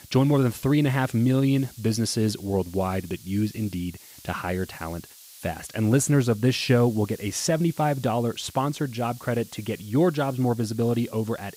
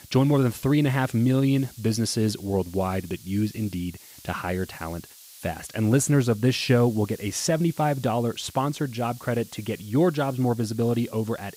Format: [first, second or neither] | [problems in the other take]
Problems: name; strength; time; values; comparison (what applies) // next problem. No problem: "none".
neither | hiss; faint; throughout; 20 dB below the speech; the same in both